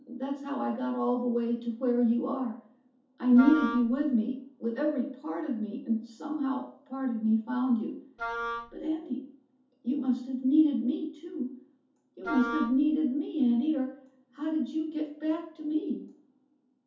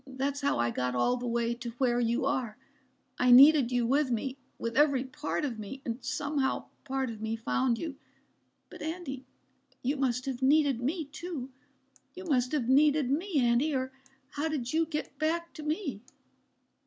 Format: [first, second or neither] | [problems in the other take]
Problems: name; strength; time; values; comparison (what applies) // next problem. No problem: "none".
second | background sound (Wind instrument, woodwind instrument); 7 dB below the speech // room echo; dies away in 0.5 s